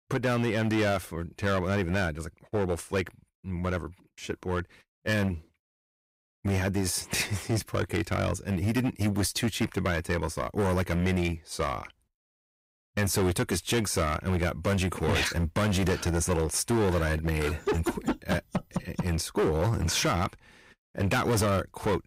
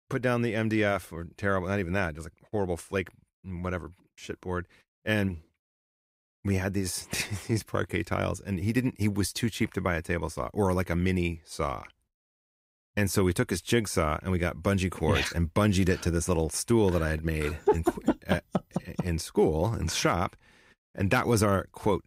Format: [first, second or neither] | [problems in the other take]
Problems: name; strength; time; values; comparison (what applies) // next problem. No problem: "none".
second | distortion; heavy; 12% of the sound clipped